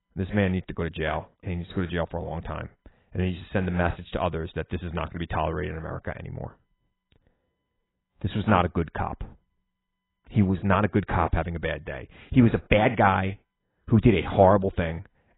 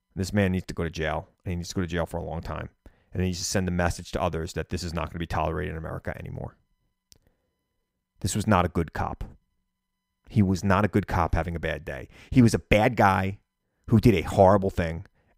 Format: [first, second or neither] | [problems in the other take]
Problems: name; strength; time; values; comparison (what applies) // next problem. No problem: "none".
second | garbled, watery; badly; nothing above 4 kHz